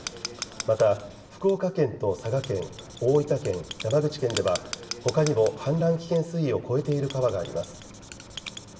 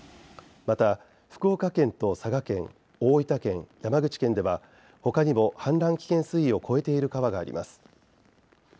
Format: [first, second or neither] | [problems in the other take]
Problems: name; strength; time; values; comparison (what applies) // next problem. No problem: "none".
second | background sound (Writing); 14 dB below the speech // room echo; dies away in 0.7 s